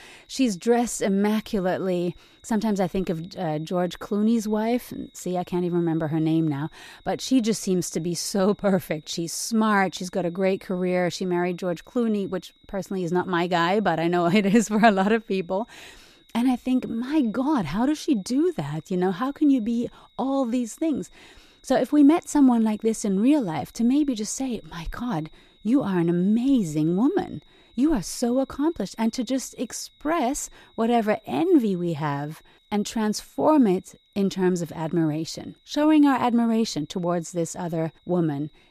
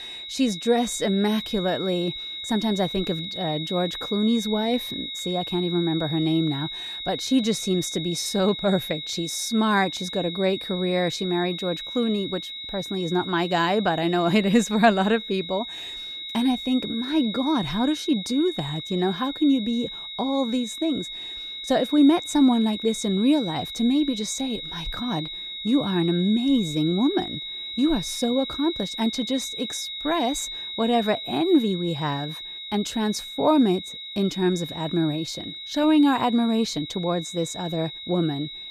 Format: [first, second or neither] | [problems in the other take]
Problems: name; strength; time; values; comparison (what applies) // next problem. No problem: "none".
first | high-pitched whine; loud; throughout; 4 kHz, 8 dB below the speech; faint in the first